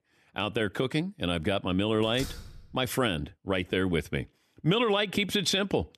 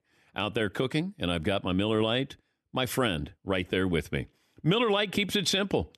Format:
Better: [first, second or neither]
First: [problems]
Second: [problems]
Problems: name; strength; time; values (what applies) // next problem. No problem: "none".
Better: second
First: door banging; faint; at 2 s; peak 10 dB below the speech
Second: none